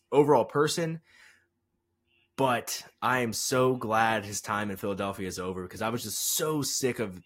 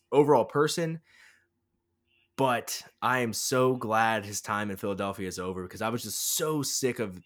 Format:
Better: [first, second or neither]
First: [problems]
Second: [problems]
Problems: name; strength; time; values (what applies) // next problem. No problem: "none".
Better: second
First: garbled, watery; slightly; nothing above 15.5 kHz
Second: none